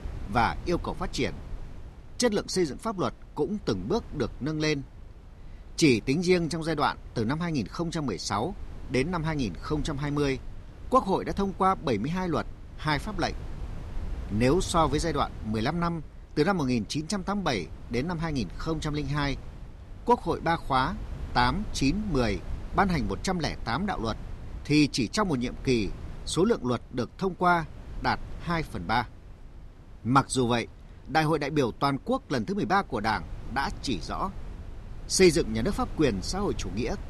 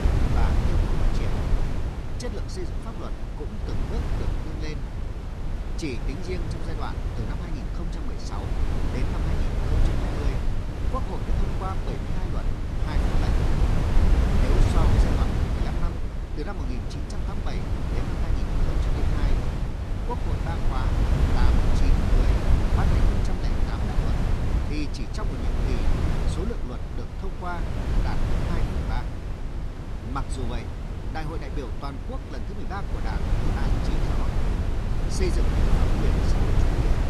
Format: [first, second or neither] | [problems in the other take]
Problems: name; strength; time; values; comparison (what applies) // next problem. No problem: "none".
first | wind noise on the microphone; heavy; 3 dB above the speech; occasional gusts in the first